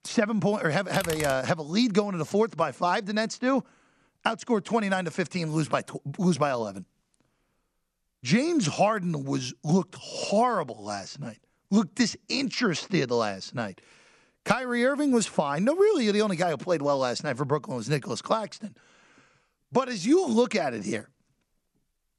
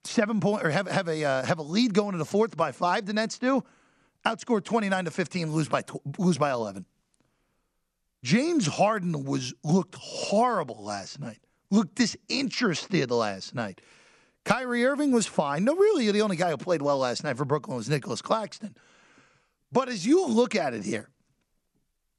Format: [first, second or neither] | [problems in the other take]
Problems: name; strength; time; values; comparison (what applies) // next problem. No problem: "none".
second | keyboard typing; noticeable; at 1 s; peak 7 dB below the speech